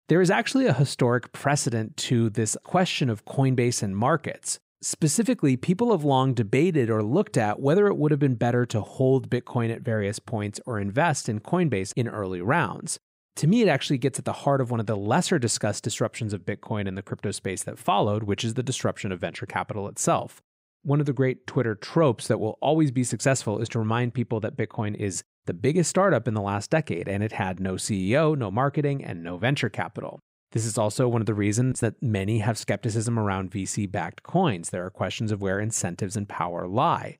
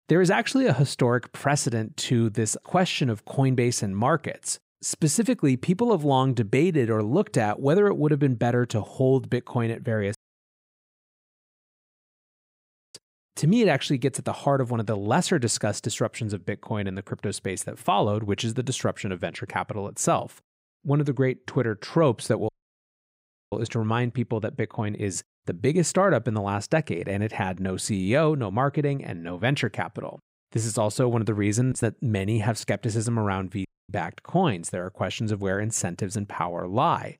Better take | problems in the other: first | audio cutting out; at 10 s for 3 s, at 22 s for 1 s and at 34 s

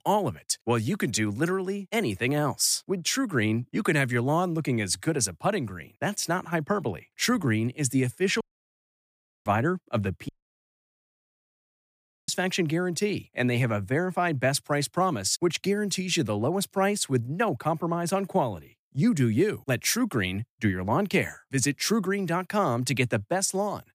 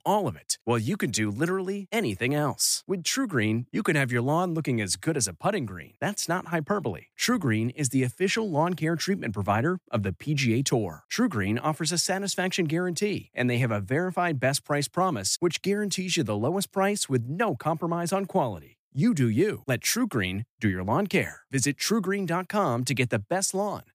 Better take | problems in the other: second | audio cutting out; at 8.5 s for 1 s and at 10 s for 2 s

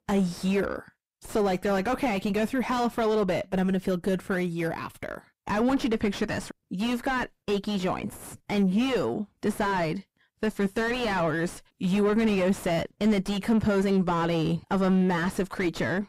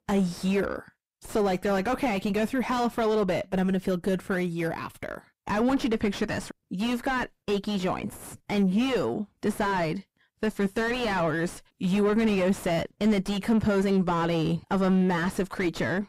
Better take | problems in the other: neither | distortion; heavy; 4 dB below the speech; the same in both

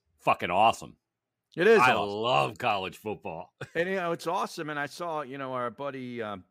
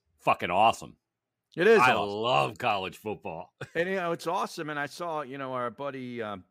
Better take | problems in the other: neither | none

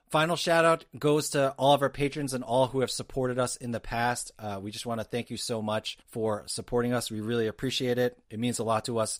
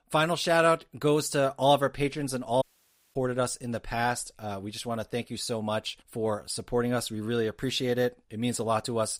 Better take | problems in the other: first | audio cutting out; at 2.5 s for 0.5 s

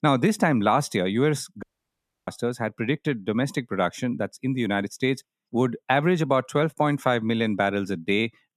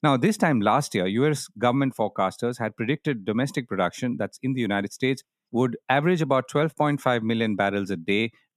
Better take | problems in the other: second | audio cutting out; at 1.5 s for 0.5 s

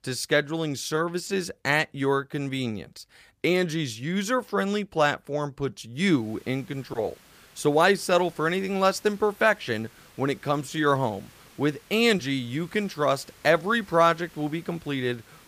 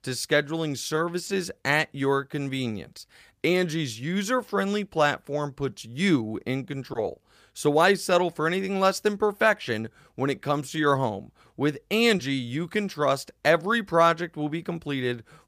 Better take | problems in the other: second | hiss; faint; from 6 s on; 25 dB below the speech

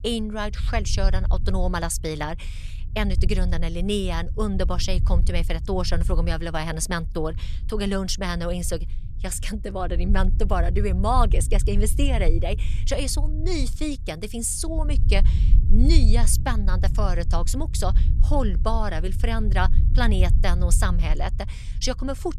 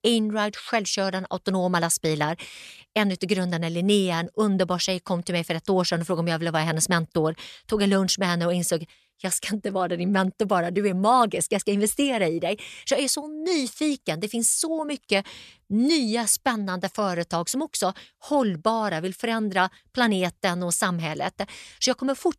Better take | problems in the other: second | low rumble; noticeable; throughout; 15 dB below the speech

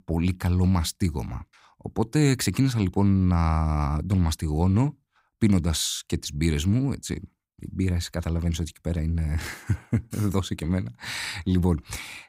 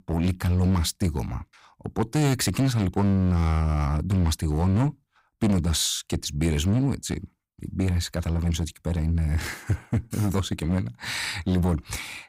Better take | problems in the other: first | distortion; slight; 8% of the sound clipped

